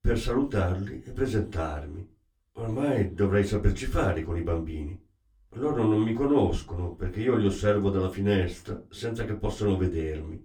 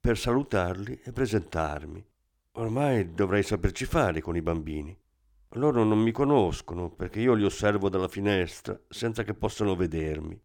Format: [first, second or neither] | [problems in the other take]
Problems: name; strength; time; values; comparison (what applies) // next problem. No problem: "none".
second | off-mic speech; far // room echo; very slight; dies away in 0.2 s